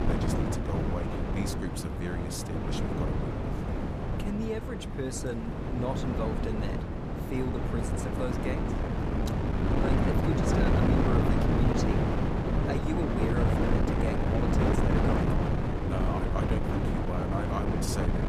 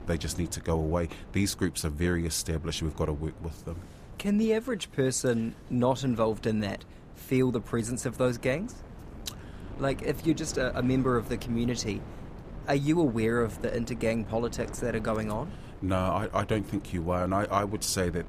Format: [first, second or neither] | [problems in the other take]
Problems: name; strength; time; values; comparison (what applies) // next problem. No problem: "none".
second | wind noise on the microphone; heavy; 4 dB above the speech; occasional gusts in the second